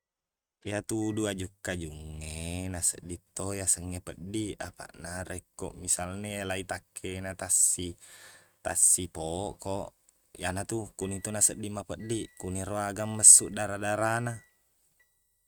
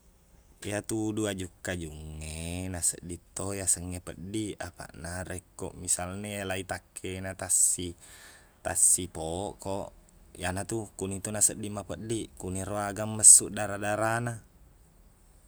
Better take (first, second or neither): second